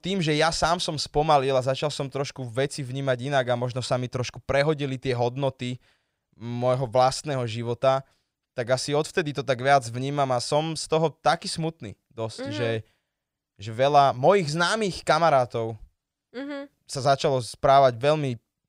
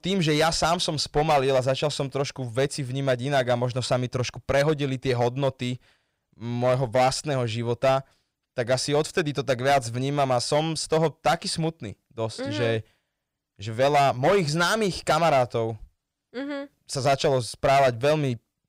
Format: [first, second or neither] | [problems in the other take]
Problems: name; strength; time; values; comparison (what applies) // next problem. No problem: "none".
first | distortion; slight; 6% of the sound clipped